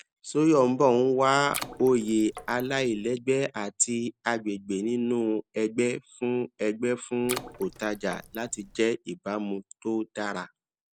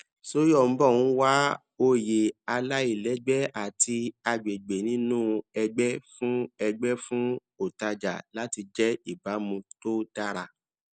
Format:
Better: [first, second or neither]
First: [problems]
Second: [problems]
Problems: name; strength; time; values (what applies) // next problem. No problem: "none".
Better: second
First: background sound (Water / Splash, splatter); 14 dB below the speech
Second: none